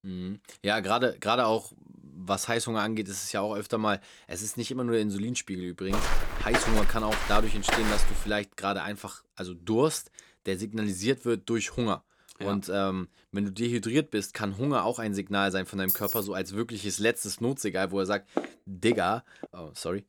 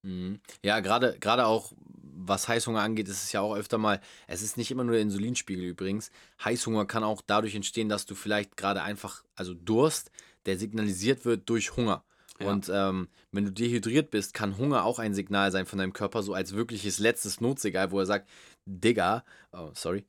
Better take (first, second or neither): second